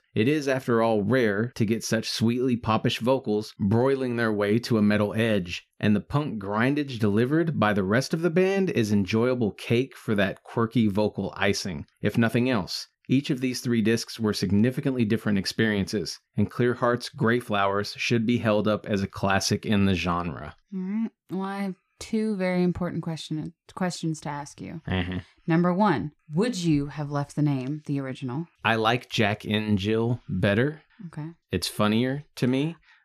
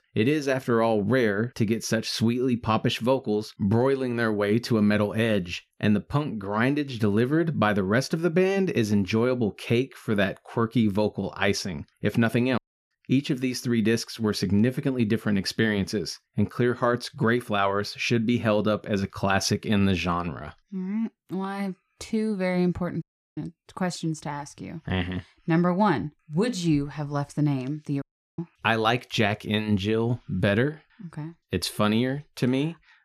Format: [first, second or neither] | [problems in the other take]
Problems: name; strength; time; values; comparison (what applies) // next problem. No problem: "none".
first | audio cutting out; at 13 s, at 23 s and at 28 s